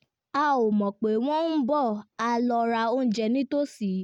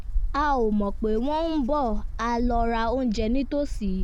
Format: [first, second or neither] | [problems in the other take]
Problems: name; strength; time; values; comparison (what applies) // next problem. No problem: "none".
first | background sound (Wind); 3 dB below the speech